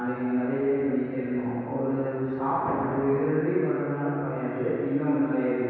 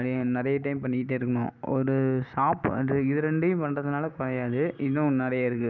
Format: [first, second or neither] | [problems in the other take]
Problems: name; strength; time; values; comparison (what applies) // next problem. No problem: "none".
second | room echo; dies away in 2.2 s